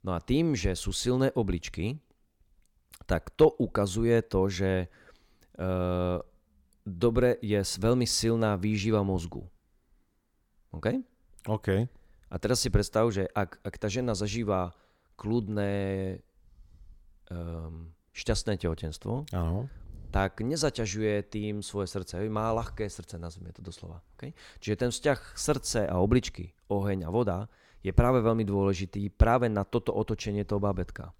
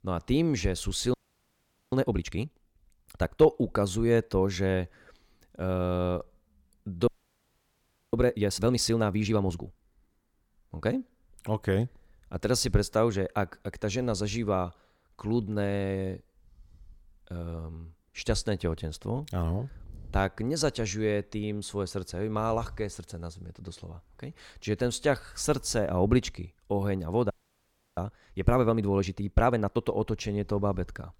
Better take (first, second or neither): first